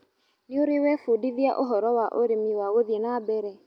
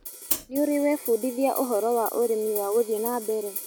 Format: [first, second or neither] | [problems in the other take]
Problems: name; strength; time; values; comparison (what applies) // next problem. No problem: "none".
first | background sound (Hi-hat); 10 dB below the speech